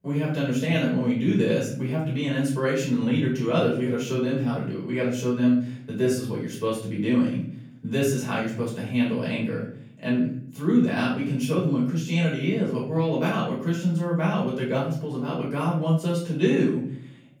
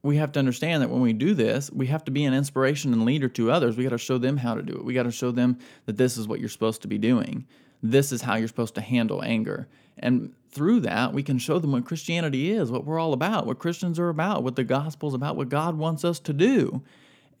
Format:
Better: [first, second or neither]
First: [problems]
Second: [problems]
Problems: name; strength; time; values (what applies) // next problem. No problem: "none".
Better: second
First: off-mic speech; far // room echo; noticeable; dies away in 0.6 s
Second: none